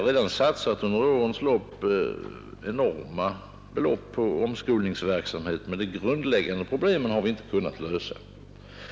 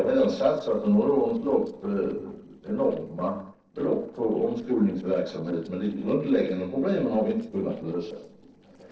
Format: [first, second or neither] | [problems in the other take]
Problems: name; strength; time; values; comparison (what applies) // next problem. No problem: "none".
first | noise reduction (neural separator model SepFormer DNS4)